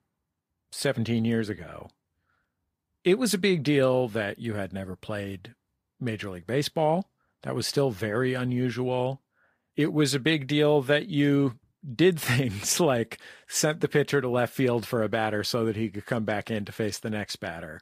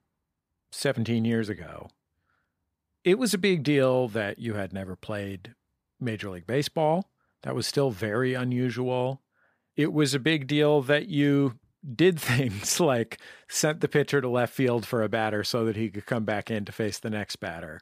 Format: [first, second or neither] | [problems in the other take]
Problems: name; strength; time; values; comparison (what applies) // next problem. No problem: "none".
second | garbled, watery; slightly; nothing above 15 kHz